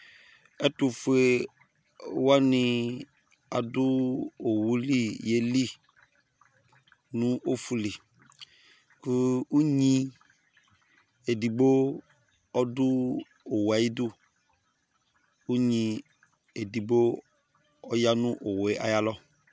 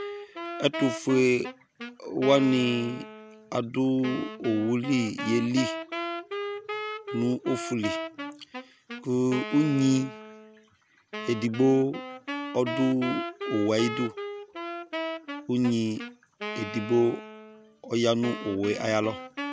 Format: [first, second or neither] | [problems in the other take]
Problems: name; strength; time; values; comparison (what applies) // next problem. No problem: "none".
first | background sound (Wind instrument, woodwind instrument); 9 dB below the speech